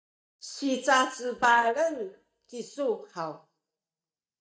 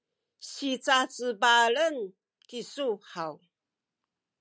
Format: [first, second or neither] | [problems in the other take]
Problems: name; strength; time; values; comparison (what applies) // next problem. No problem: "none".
second | noise reduction (neural mask model DeepFilterNet 3)